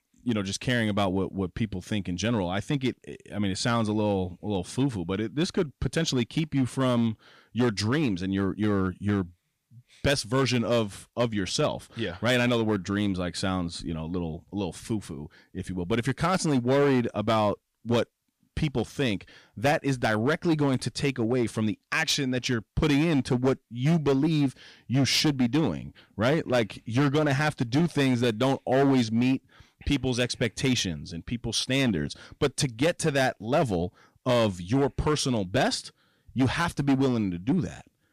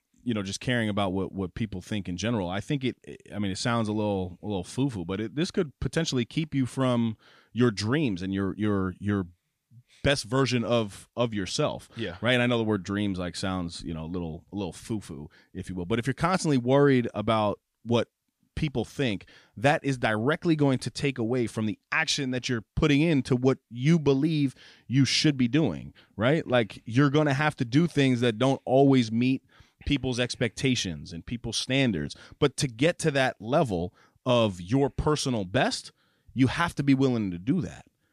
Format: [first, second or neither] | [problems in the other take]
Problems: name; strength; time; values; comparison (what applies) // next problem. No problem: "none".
second | distortion; slight; 6% of the sound clipped